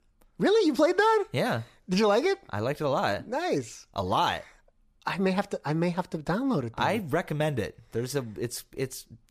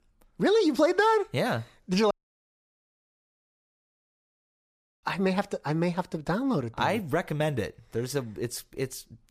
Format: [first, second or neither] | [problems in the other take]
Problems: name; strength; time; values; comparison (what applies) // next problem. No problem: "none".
first | audio cutting out; at 2 s for 3 s